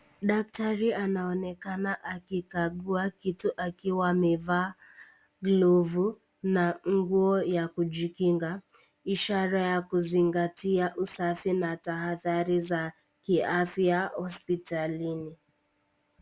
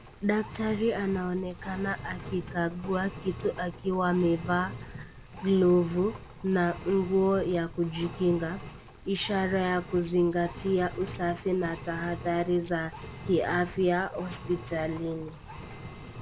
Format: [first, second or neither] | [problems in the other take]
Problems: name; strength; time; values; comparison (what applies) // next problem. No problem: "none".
first | background sound (Engine); 13 dB below the speech